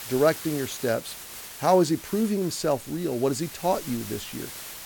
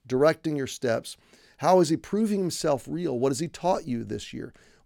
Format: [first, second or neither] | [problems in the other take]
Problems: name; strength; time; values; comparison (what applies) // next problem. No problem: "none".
second | hiss; noticeable; throughout; 10 dB below the speech